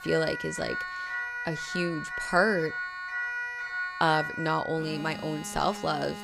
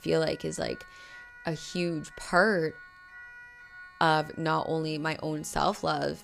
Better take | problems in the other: second | alarms or sirens; loud; throughout; 5 dB below the speech; faint in the second

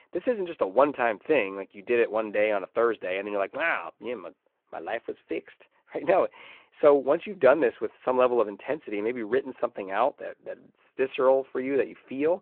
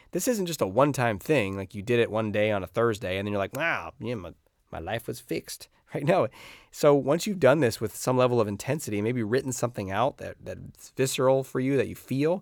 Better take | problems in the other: second | phone-call audio

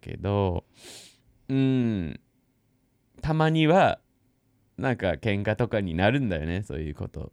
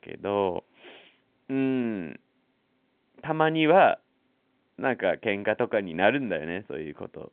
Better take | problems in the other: first | phone-call audio; nothing above 3.5 kHz

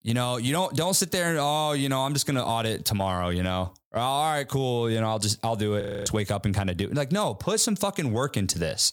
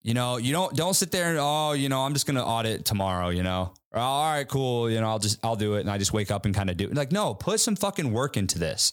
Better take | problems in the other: second | audio freezing; at 6 s

